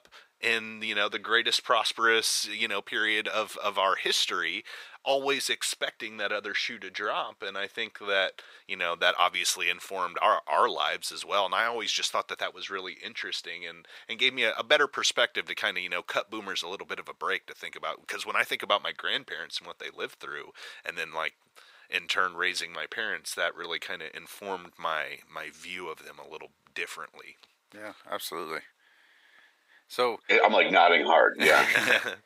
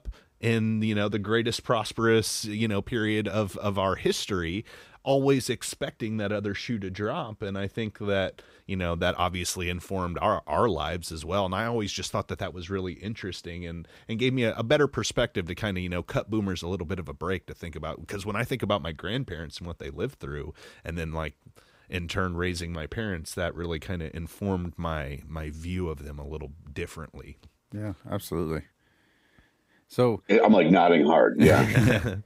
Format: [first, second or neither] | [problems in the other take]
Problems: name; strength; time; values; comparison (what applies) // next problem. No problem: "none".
second | thin; very; fading below 650 Hz